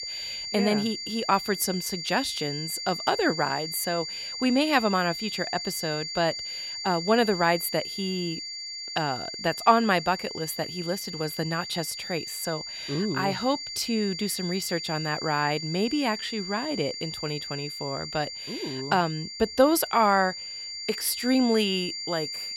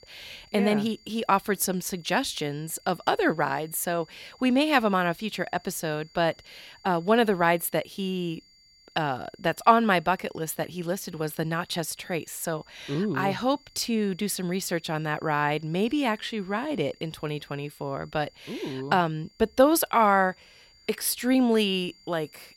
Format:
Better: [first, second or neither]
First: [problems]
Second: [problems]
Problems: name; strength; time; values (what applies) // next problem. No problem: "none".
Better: second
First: high-pitched whine; loud; throughout; 4.5 kHz, 6 dB below the speech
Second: high-pitched whine; faint; throughout; 4.5 kHz, 30 dB below the speech